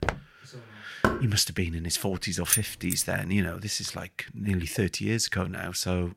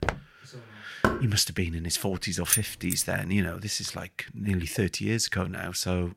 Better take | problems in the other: neither | footsteps; noticeable; at the start; peak 4 dB below the speech; the same in both // door banging; loud; at 1 s; peak 1 dB above the speech; the same in both // jangling keys; loud; at 2.5 s; peak 3 dB above the speech; the same in both

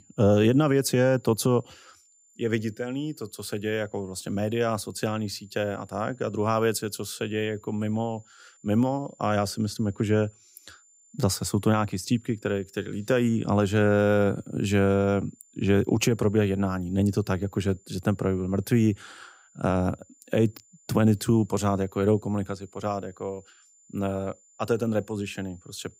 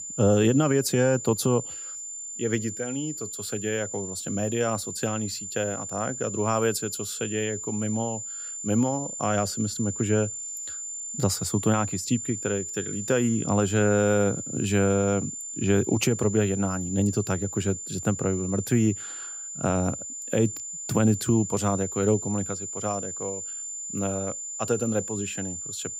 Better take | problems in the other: first | high-pitched whine; loud; throughout; 7 kHz, 6 dB below the speech; faint in the first

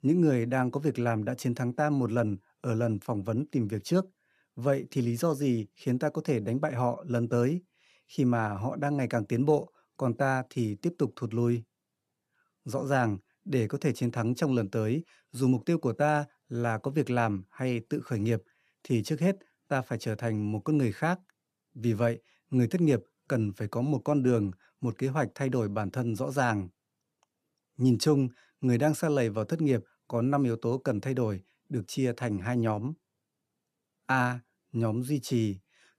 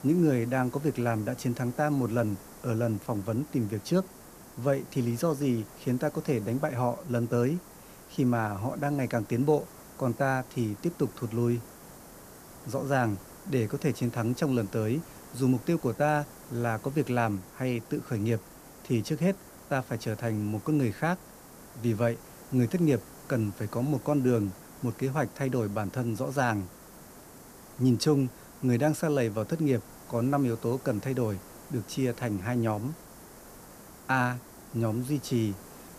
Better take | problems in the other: first | hiss; noticeable; throughout; 20 dB below the speech

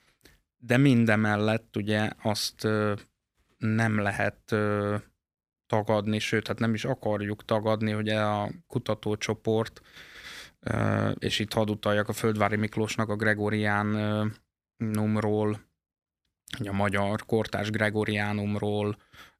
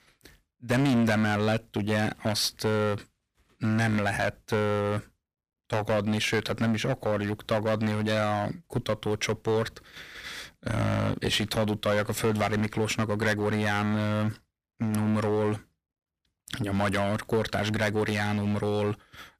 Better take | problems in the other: first | distortion; heavy; 9% of the sound clipped

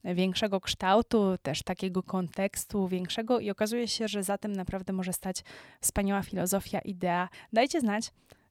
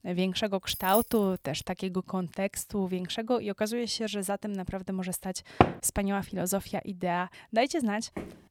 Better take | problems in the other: first | jangling keys; noticeable; at 0.5 s; peak 2 dB below the speech // door banging; loud; at 5.5 s; peak 5 dB above the speech // footsteps; very faint; at 8 s; peak 10 dB below the speech

